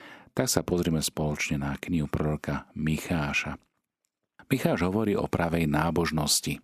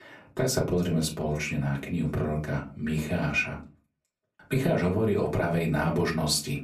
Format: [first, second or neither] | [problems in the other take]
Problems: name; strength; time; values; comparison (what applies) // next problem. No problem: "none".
first | off-mic speech; far // room echo; very slight; dies away in 0.3 s